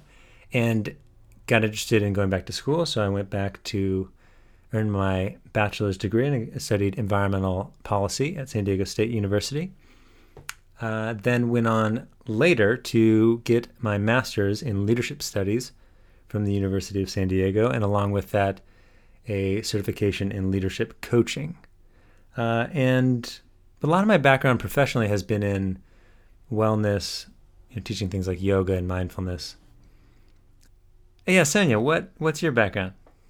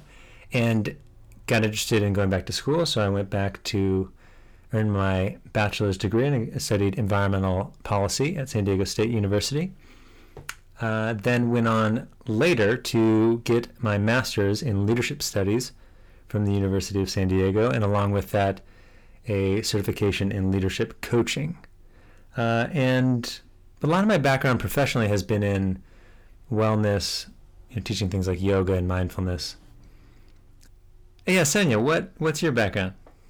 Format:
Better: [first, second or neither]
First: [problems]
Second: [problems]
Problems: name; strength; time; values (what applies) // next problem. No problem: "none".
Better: first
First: none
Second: distortion; slight; 10 dB below the speech